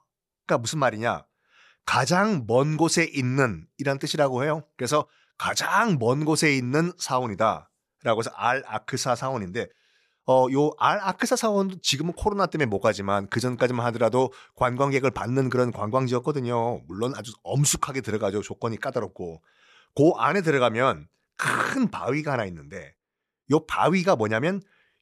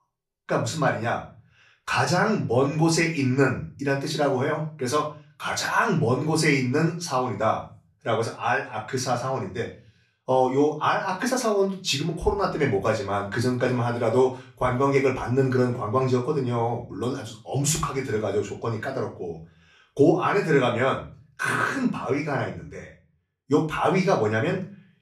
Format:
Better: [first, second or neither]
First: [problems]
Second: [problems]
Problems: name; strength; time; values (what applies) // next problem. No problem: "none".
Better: first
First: none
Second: off-mic speech; far // room echo; slight; dies away in 0.3 s